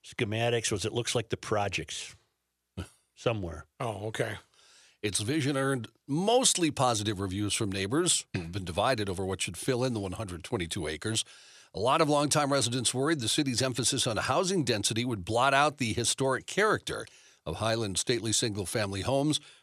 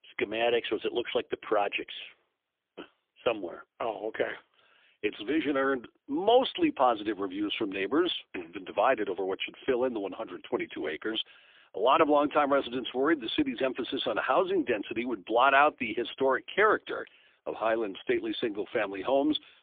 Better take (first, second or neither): first